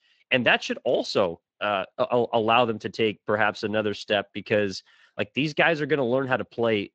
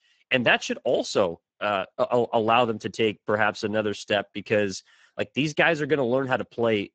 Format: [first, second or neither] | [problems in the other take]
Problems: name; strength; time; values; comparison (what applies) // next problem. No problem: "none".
first | garbled, watery; badly; nothing above 7.5 kHz; slightly in the first